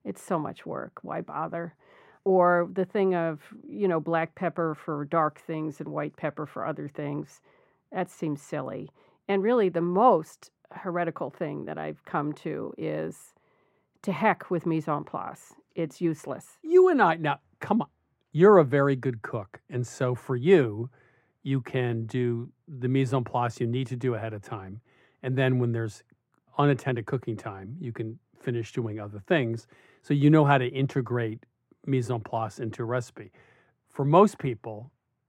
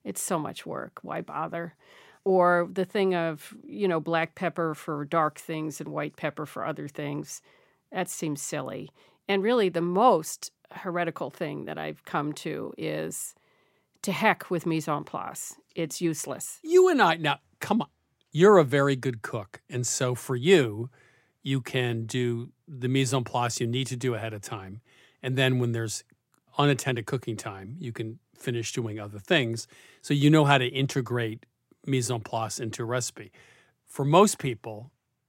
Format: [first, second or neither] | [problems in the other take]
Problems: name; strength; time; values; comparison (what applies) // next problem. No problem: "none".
second | muffled; very; fading above 2.5 kHz